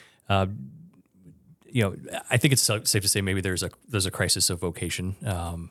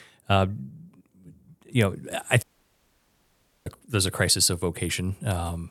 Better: first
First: none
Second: audio cutting out; at 2.5 s for 1 s

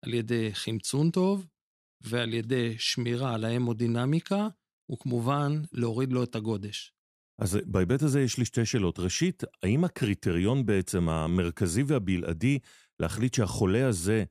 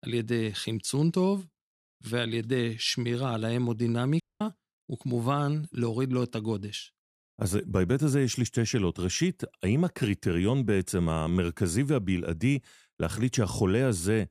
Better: first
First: none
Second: audio cutting out; at 4 s

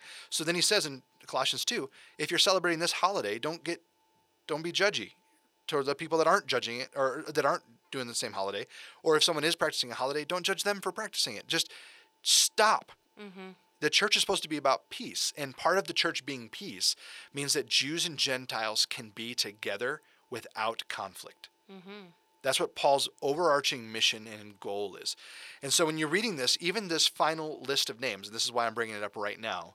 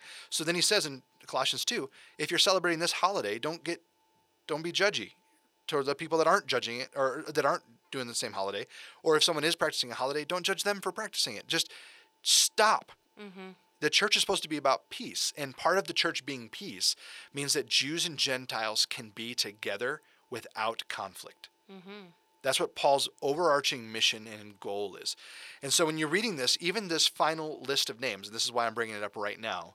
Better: neither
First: thin; somewhat; fading below 850 Hz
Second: thin; somewhat; fading below 850 Hz

